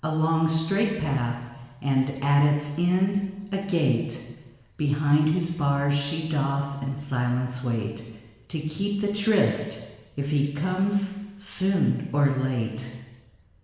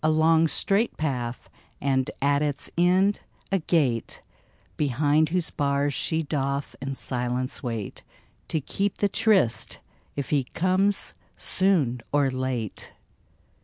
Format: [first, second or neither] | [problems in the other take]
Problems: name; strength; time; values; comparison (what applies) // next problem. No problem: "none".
second | room echo; dies away in 1.1 s